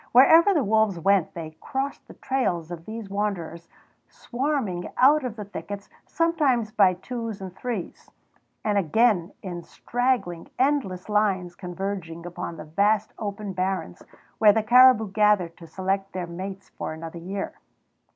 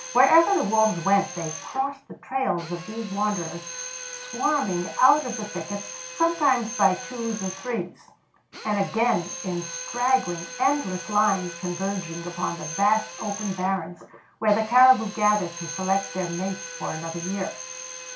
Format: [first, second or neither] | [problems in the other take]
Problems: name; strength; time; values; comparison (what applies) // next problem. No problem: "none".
first | background sound (Drill); 12 dB below the speech // room echo; dies away in 0.2 s